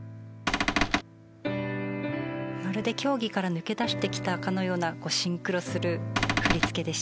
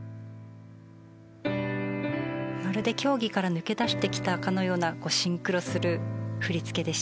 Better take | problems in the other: second | background sound (Cupboard open or close / Door); 4 dB above the speech

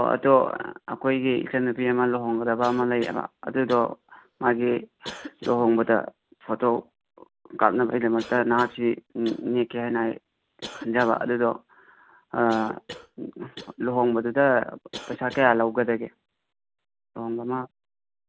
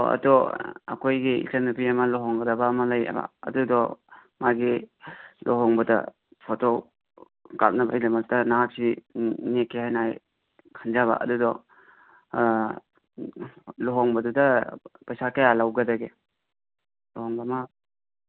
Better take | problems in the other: second | background sound (Cough); 19 dB below the speech

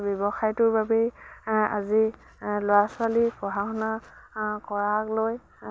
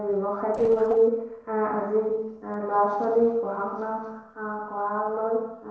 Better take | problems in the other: first | noise reduction (neural separator model SepFormer DNS4)

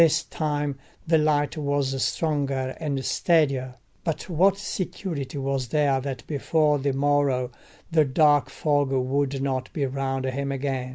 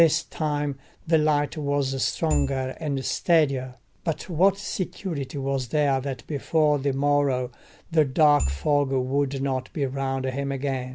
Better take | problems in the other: first | background sound (Marimba, xylophone / Wood); 3 dB below the speech

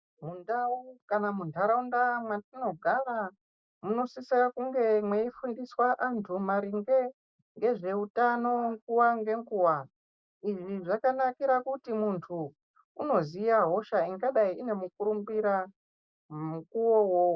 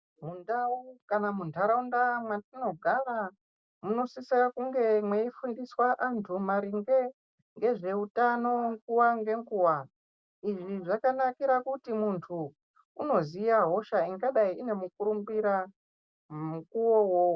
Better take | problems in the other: second | noise reduction (neural mask model Resemble Enhance denoiser)

